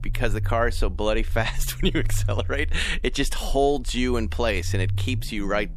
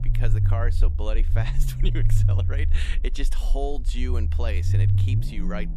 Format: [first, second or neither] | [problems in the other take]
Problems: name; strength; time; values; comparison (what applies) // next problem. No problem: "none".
first | low rumble; loud; throughout; 4 dB below the speech; faint in the first